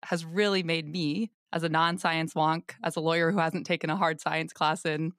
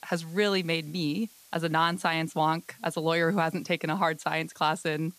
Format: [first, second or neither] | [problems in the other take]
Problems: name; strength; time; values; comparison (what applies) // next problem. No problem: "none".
first | hiss; faint; throughout; 25 dB below the speech